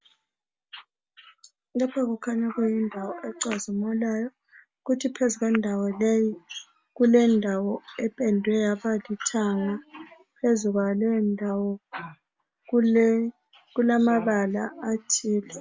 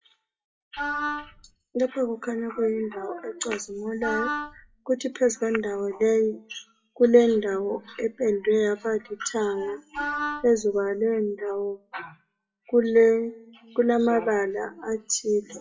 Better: first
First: none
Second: noise reduction (classical method WPE with log-MMSE)

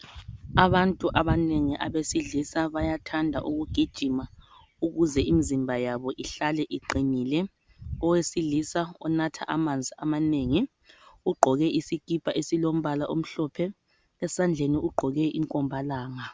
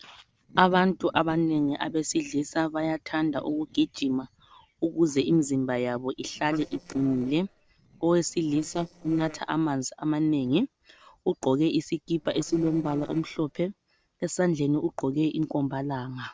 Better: first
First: none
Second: noise reduction (neural separator model SepFormer DNS4)

